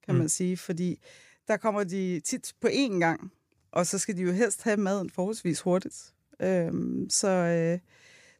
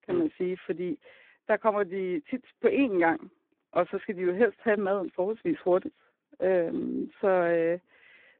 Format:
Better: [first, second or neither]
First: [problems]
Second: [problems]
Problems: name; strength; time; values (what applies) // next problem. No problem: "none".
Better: first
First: none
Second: phone-call audio; poor line